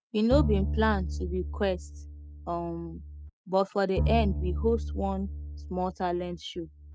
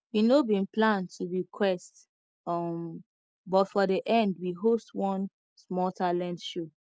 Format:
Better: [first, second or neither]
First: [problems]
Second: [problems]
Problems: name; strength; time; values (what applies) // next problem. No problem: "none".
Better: second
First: noise reduction (neural mask model RNNoise)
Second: none